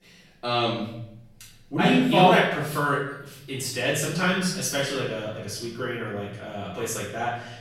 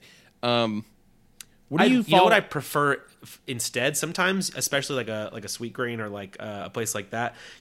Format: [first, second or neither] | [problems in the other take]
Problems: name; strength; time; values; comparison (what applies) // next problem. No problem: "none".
second | off-mic speech; far // room echo; noticeable; dies away in 0.8 s